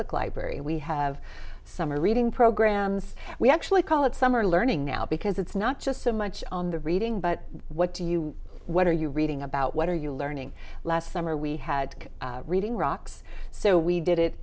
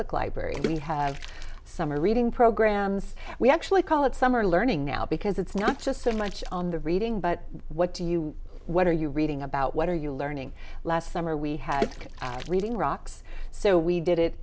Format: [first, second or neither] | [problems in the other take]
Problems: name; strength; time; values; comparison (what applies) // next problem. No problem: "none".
first | background sound (Water / Splash, splatter); 14 dB below the speech